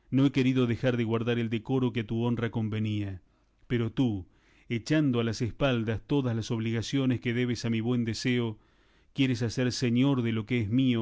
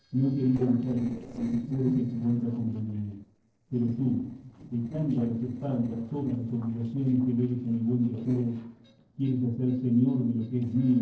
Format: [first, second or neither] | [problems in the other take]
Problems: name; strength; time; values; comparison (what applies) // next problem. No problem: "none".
first | noise reduction (neural separator model SepFormer DNS4)